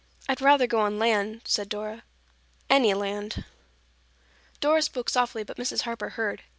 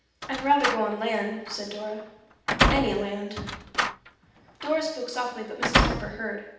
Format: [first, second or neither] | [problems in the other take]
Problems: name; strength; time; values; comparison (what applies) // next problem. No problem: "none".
first | background sound (Slam); 1 dB above the speech // room echo; dies away in 0.8 s